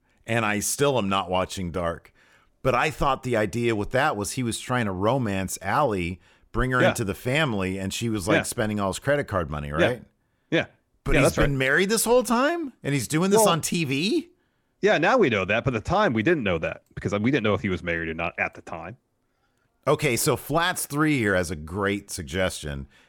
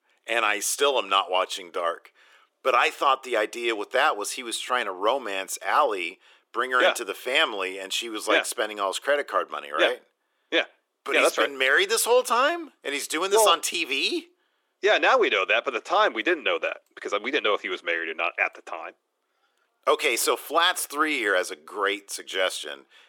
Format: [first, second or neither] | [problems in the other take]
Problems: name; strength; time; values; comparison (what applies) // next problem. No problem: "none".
first | thin; very; fading below 350 Hz